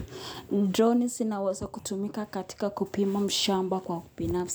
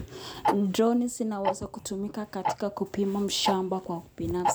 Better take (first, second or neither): first